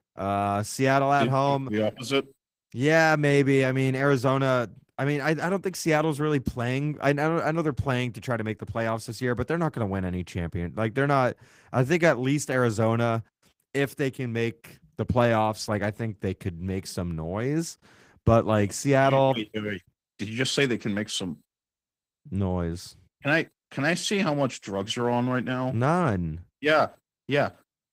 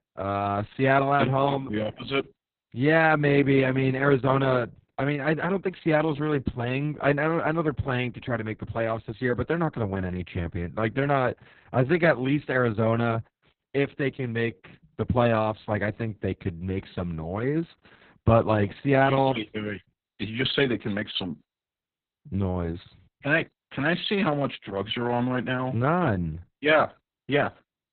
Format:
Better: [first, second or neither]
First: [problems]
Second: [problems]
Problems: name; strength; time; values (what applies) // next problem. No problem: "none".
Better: first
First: garbled, watery; slightly; nothing above 15.5 kHz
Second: garbled, watery; badly; nothing above 4 kHz